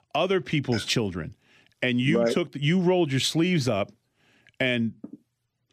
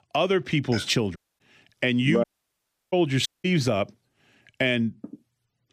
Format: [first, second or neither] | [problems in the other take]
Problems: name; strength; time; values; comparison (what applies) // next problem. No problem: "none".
first | audio cutting out; at 1 s, at 2 s for 0.5 s and at 3.5 s